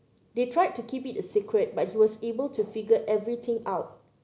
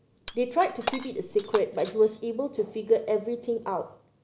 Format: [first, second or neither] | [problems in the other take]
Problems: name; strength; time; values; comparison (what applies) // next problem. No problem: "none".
first | background sound (Shatter); 14 dB below the speech